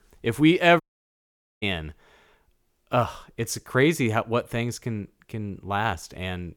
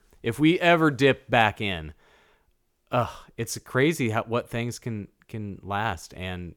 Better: second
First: audio cutting out; at 1 s for 1 s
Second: none

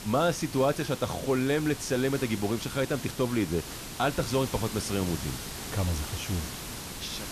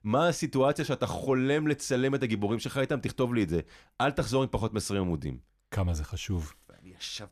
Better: second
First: hiss; loud; throughout; 8 dB below the speech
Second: none

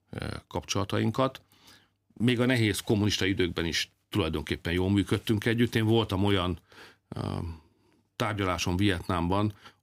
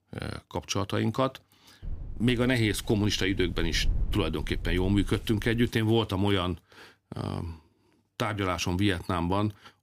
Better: first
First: none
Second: low rumble; faint; from 2 to 5.5 s; 25 dB below the speech

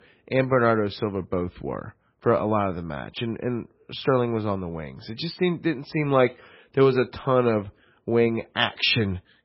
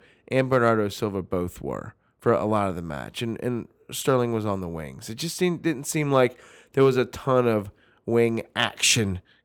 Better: second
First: garbled, watery; badly; nothing above 5.5 kHz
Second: none

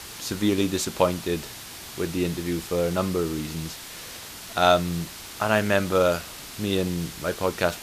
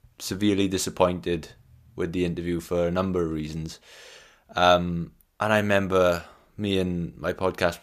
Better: second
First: hiss; noticeable; throughout; 10 dB below the speech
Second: none

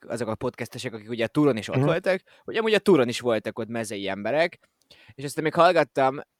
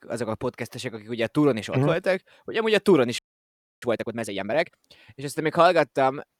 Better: first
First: none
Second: audio freezing; at 3 s for 0.5 s

